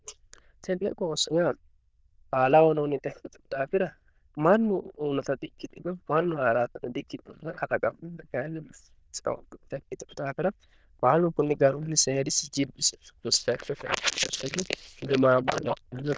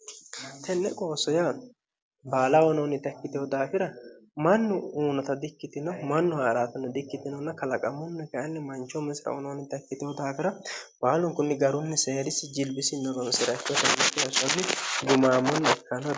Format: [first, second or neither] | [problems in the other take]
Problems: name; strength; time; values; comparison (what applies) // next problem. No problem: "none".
second | noise reduction (neural diffusion model UNIVERSE++)